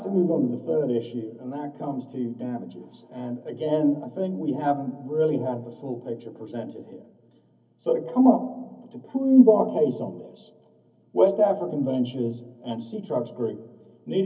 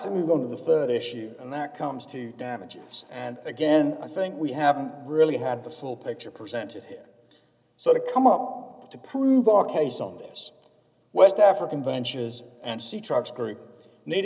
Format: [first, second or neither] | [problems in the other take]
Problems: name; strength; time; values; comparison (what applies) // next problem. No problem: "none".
second | room echo; dies away in 0.3 s